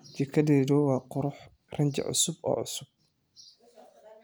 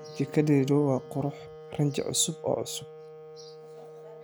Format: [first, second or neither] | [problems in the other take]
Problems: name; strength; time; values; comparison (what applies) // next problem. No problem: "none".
first | background sound (Wind instrument, woodwind instrument); 16 dB below the speech